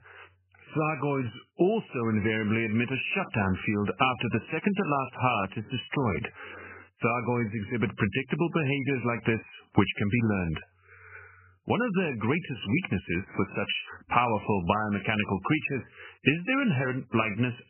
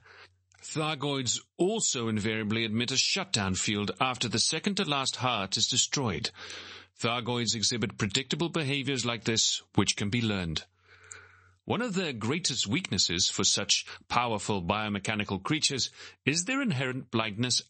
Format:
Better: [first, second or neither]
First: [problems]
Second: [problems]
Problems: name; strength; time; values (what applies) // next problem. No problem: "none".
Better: second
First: garbled, watery; badly; nothing above 3 kHz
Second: garbled, watery; slightly; nothing above 8 kHz